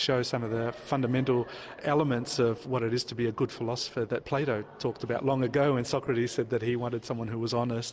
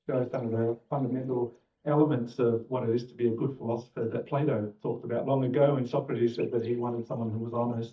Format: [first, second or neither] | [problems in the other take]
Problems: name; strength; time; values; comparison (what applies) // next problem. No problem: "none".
first | noise reduction (neural mask model DeepFilterNet 3)